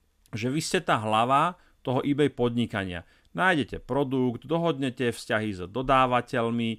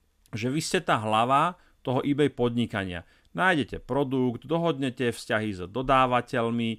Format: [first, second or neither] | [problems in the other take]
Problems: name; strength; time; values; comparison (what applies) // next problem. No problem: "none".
neither | none